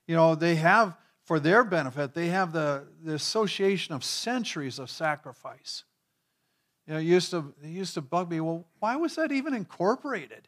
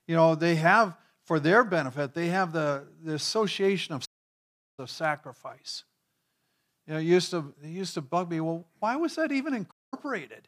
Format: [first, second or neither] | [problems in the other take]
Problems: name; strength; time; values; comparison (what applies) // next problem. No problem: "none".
first | audio cutting out; at 4 s for 0.5 s and at 9.5 s